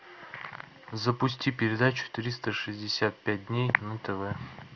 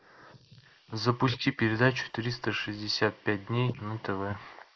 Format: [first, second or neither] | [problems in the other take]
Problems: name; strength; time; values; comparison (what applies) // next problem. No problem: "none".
first | noise reduction (neural mask model Resemble Enhance denoiser)